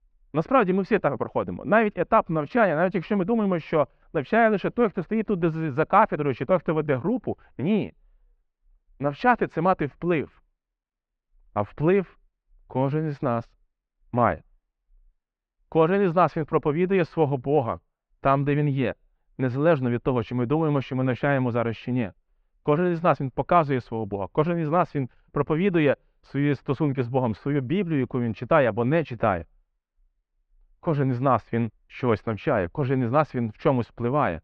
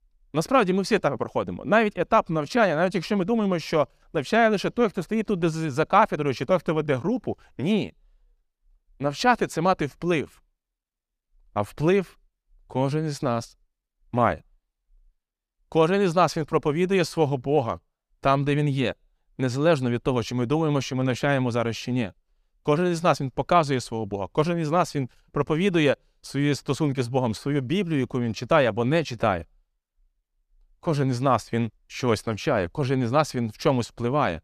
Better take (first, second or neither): second